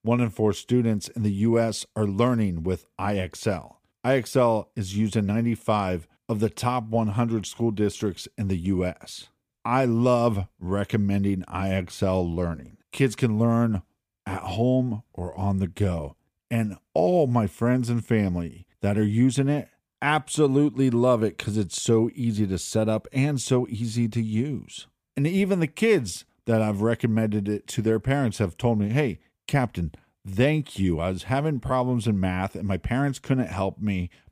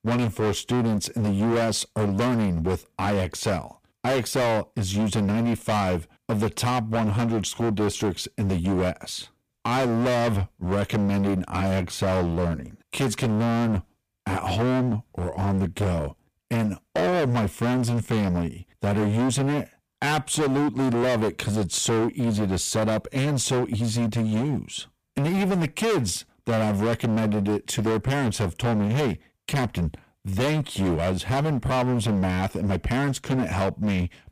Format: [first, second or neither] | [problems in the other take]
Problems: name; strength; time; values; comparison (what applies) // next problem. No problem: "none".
first | distortion; heavy; 27% of the sound clipped